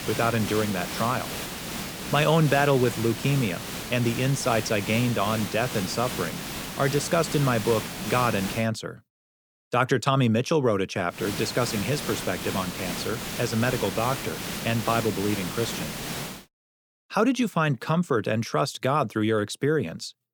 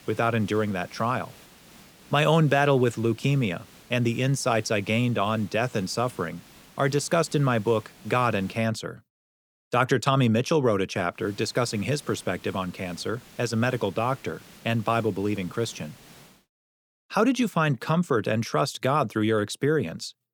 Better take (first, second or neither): second